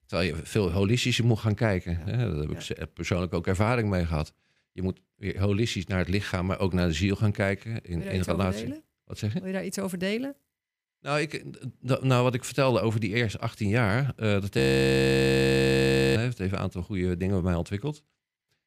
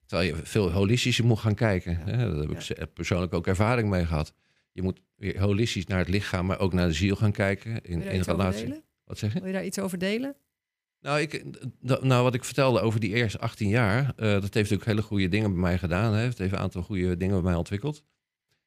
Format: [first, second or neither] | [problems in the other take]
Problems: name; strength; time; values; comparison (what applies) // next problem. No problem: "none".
second | audio freezing; at 15 s for 1.5 s